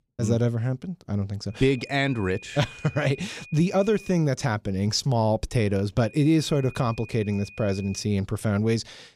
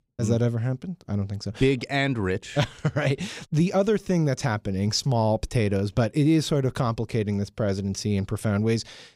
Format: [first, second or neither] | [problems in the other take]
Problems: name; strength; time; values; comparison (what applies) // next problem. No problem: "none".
second | high-pitched whine; noticeable; from 1.5 to 4 s and from 6 to 8 s; 2.5 kHz, 20 dB below the speech